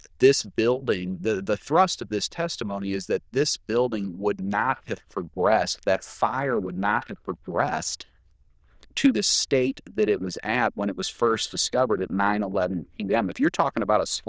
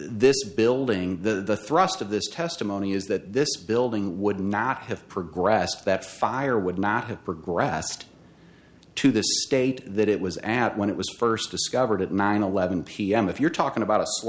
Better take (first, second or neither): second